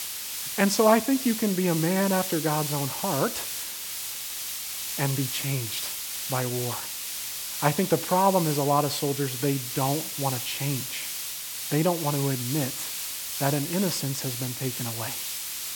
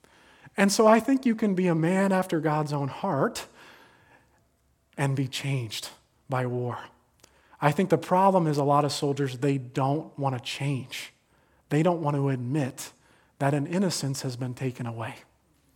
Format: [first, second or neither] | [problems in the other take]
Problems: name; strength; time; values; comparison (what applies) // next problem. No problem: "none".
second | hiss; loud; throughout; 4 dB below the speech